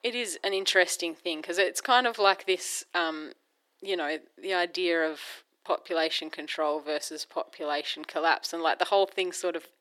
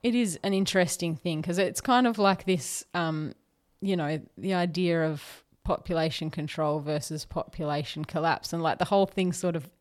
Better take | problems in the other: second | thin; very; fading below 350 Hz

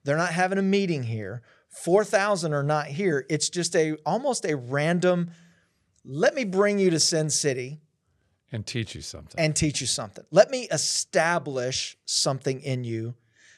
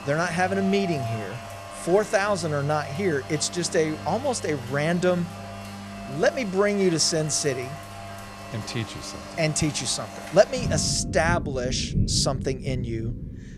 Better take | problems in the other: first | rain or running water; loud; throughout; 10 dB below the speech

